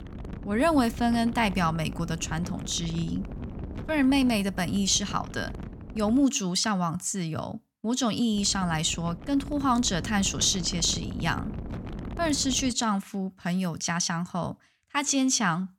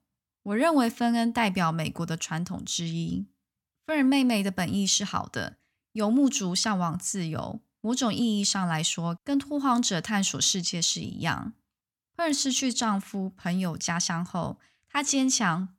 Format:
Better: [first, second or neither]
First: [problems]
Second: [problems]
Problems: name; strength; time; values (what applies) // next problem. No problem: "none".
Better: second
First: wind noise on the microphone; occasional gusts; until 6 s and from 8.5 to 13 s; 20 dB below the speech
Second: none